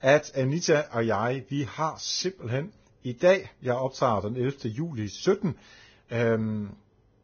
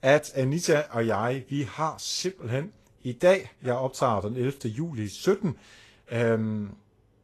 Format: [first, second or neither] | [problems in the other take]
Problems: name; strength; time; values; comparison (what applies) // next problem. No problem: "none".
second | garbled, watery; badly; nothing above 6.5 kHz; slightly in the second